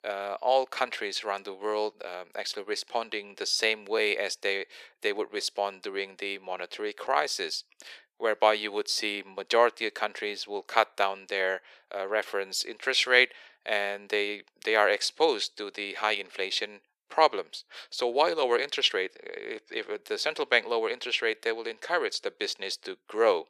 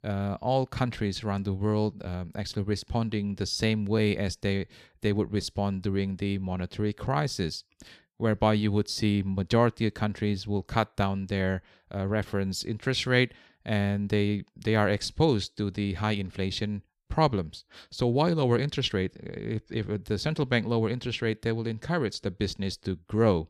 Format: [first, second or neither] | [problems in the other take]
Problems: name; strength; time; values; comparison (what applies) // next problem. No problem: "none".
second | thin; very; fading below 450 Hz